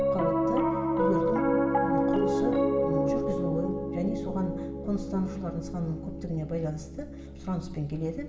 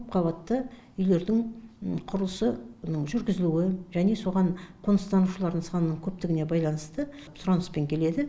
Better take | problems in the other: second | background sound (Piano); 5 dB above the speech // room echo; dies away in 2.3 s

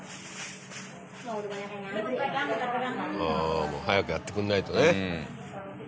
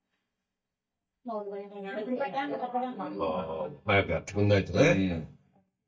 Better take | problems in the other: first | noise reduction (neural mask model DeepFilterNet 3)

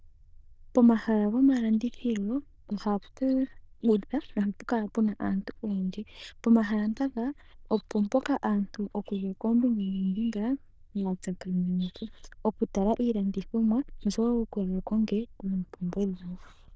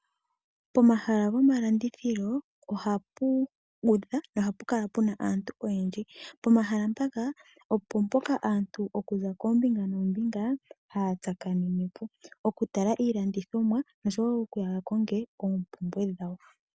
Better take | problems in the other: second | noise reduction (neural diffusion model UNIVERSE++)

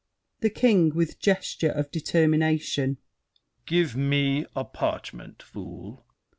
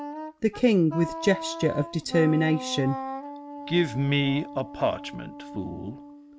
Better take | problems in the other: first | background sound (Wind instrument, woodwind instrument); 11 dB below the speech

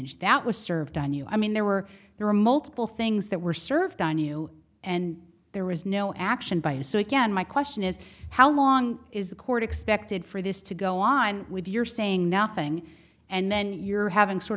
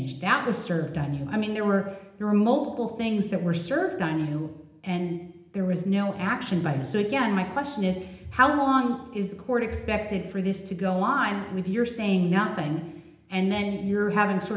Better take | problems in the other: first | room echo; dies away in 0.8 s

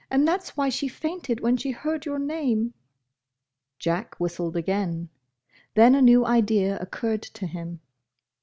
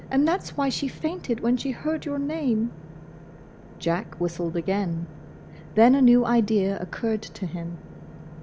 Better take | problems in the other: first | background sound (Engine / Boat, Water vehicle); 16 dB below the speech

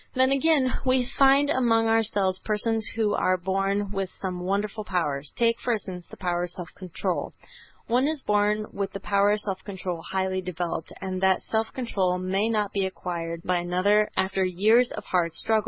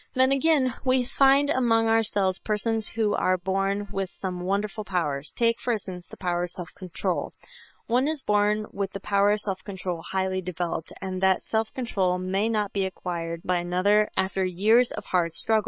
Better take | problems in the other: first | noise reduction (neural separator model SepFormer WHAM!)

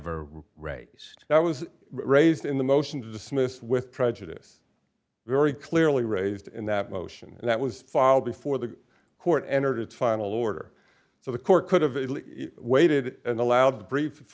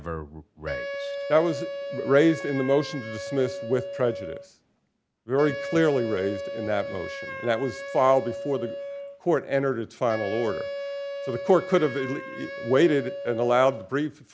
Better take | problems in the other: first | background sound (Wind instrument, woodwind instrument); 9 dB below the speech

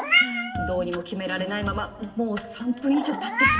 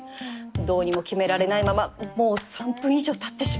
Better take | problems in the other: second | background sound (Meow); as loud as the speech // room echo; dies away in 3 s

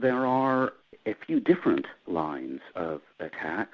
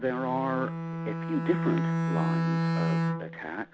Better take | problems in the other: first | background sound (Bowed string instrument); 3 dB above the speech

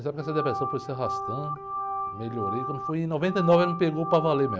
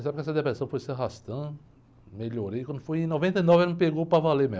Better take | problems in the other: second | background sound (Organ); 5 dB below the speech

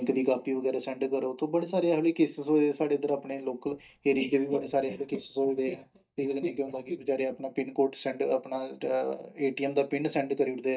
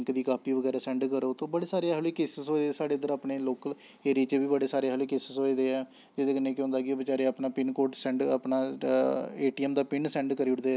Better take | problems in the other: second | noise reduction (neural mask model DeepFilterNet 3)

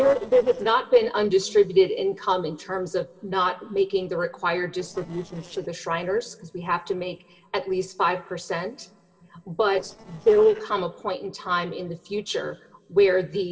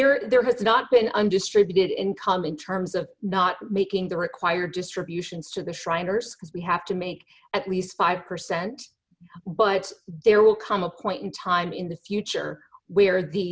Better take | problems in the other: second | noise reduction (neural separator model SepFormer DNS4)

